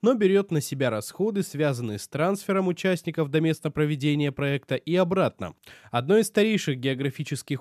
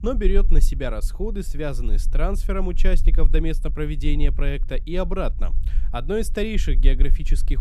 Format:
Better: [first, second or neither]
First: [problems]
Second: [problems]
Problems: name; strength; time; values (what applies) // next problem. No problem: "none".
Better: first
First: none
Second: low rumble; faint; throughout; 20 dB below the speech